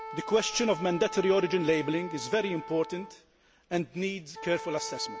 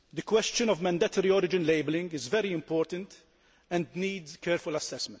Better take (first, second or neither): second